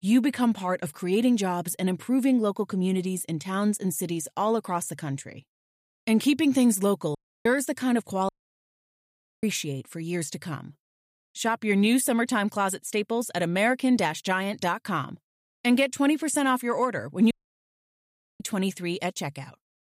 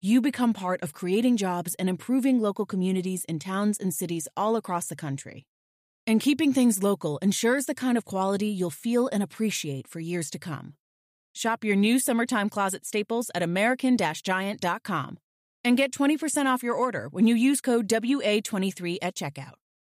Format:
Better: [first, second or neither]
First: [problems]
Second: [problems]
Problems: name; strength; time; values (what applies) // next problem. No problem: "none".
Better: second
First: audio cutting out; at 7 s, at 8.5 s for 1 s and at 17 s for 1 s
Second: none